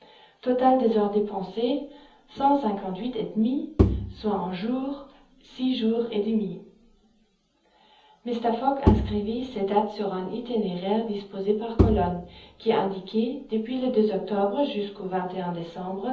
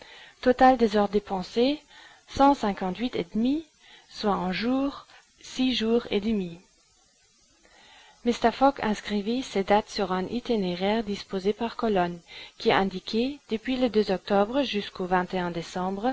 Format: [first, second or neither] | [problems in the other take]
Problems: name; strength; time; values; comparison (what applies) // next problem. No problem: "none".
second | background sound (Bowed string instrument); as loud as the speech // room echo; dies away in 0.7 s